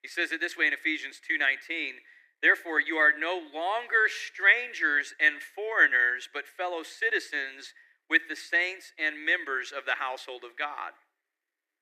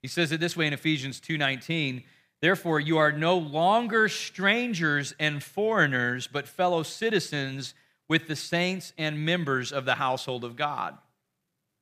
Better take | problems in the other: second | thin; very; fading below 300 Hz

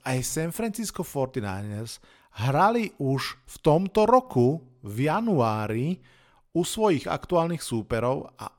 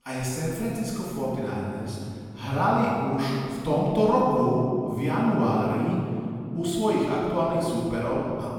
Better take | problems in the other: first | off-mic speech; far // room echo; strong; dies away in 2.7 s

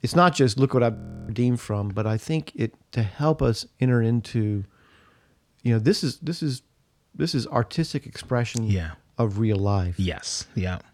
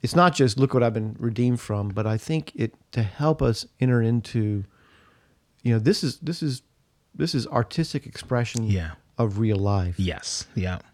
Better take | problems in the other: second | audio freezing; at 1 s

